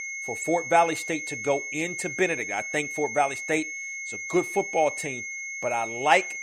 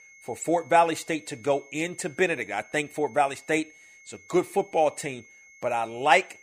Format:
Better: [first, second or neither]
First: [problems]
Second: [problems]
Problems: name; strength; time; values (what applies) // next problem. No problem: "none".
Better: second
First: high-pitched whine; loud; throughout; 2 kHz, 6 dB below the speech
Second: high-pitched whine; faint; throughout; 2 kHz, 25 dB below the speech